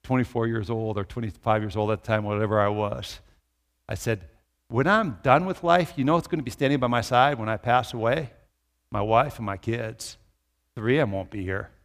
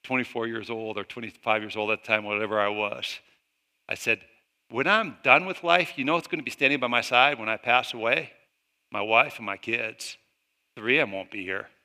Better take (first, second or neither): first